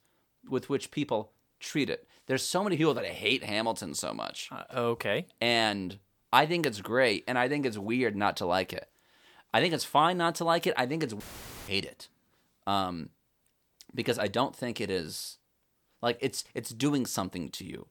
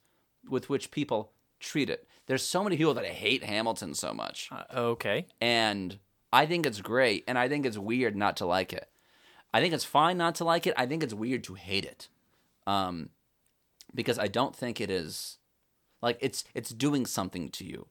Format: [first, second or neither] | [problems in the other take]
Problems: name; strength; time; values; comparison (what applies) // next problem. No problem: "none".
second | audio cutting out; filled with static; at 11 s